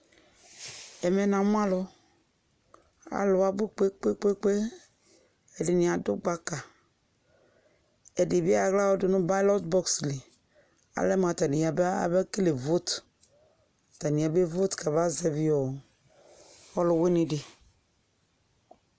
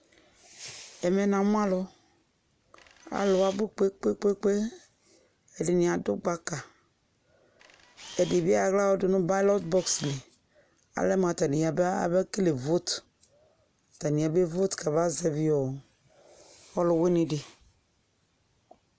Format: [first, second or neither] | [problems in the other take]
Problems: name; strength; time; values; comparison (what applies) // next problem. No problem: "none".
first | background sound (Camera); 17 dB below the speech